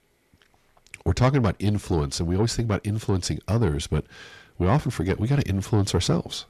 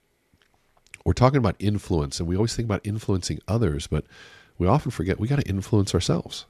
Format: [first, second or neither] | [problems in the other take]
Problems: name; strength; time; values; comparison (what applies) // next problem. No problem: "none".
second | distortion; slight; 10 dB below the speech